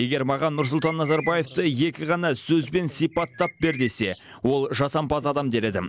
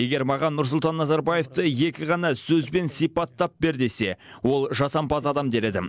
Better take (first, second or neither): second